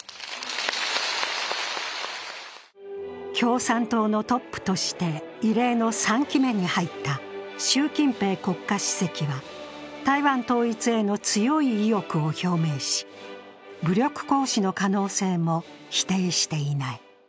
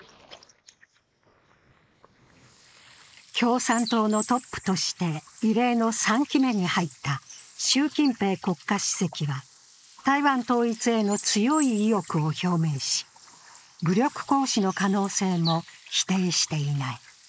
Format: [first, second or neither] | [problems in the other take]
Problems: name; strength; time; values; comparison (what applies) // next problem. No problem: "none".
first | noise reduction (neural mask model Resemble Enhance denoiser)